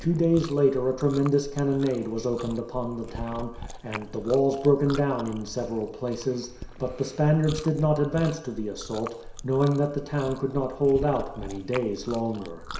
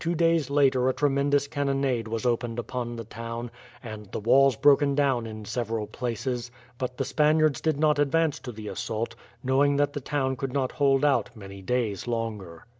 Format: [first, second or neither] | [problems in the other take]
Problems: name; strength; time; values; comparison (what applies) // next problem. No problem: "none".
second | background sound (Chewing, mastication); 14 dB below the speech // room echo; dies away in 0.7 s